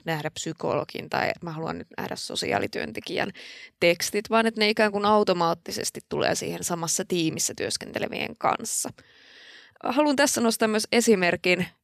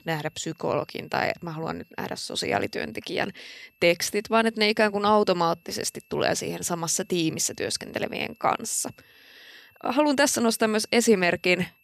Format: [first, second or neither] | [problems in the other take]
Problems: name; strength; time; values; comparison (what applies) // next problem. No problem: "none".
first | high-pitched whine; faint; throughout; 2.5 kHz, 35 dB below the speech